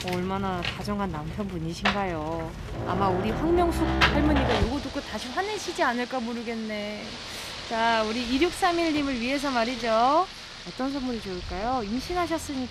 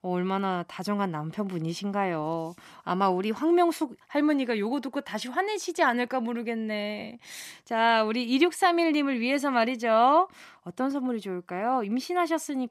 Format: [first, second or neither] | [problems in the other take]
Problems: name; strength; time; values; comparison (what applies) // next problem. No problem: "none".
second | rain or running water; loud; throughout; 4 dB below the speech